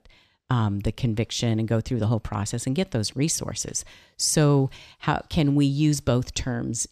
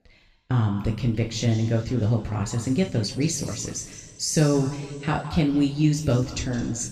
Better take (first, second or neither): first